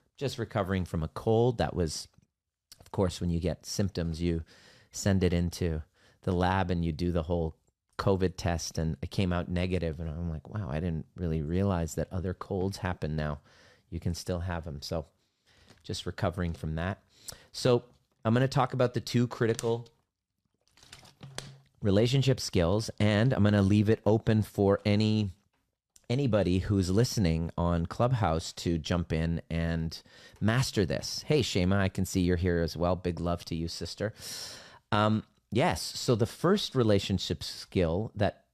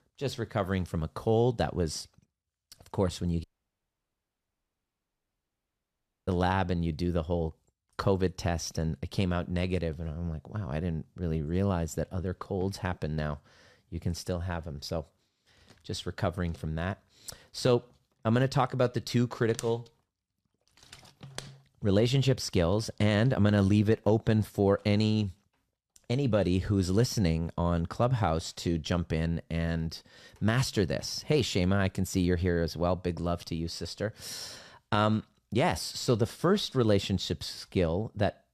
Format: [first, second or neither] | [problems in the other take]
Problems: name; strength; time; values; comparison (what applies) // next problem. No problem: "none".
first | audio cutting out; at 3.5 s for 3 s